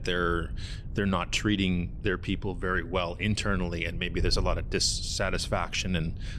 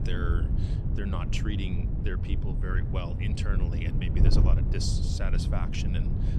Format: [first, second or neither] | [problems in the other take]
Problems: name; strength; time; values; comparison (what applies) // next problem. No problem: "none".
first | wind noise on the microphone; heavy; 3 dB below the speech; occasional gusts in the first